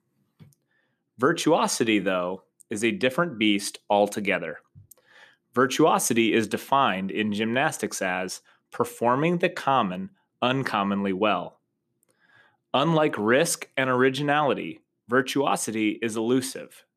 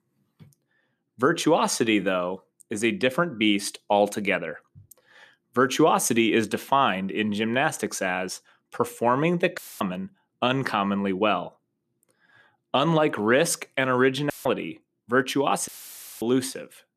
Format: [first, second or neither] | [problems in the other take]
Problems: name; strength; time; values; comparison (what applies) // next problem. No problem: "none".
first | audio cutting out; filled with static; at 9.5 s, at 14 s and at 16 s for 0.5 s